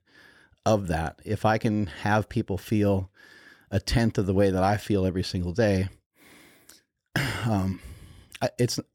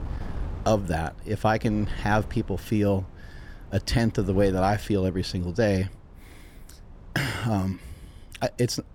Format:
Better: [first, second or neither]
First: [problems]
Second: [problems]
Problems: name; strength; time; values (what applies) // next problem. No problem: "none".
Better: first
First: none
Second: wind noise on the microphone; occasional gusts; 25 dB below the speech